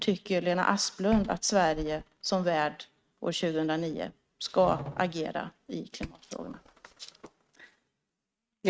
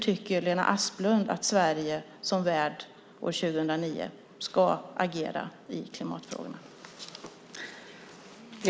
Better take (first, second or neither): second